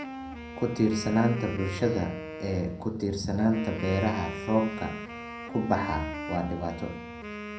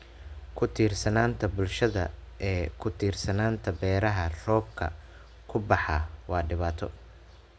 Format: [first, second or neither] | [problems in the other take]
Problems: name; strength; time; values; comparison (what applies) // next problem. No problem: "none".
second | background sound (Wind instrument, woodwind instrument); 9 dB below the speech // room echo; dies away in 0.5 s